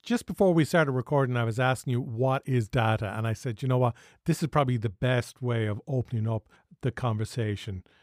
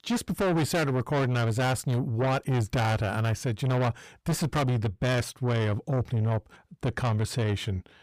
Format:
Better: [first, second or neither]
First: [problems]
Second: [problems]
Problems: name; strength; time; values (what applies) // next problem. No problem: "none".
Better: first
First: none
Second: distortion; heavy; 6 dB below the speech